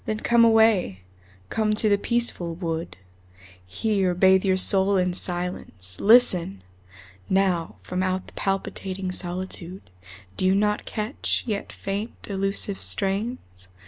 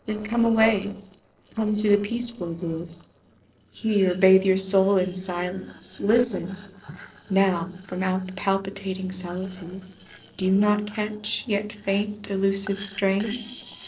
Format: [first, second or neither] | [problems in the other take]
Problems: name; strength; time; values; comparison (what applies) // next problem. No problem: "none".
first | noise reduction (neural separator model SepFormer DNS4)